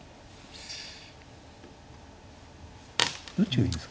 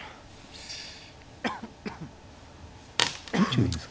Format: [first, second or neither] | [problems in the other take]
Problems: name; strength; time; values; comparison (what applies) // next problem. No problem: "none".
first | background sound (Cough); 7 dB below the speech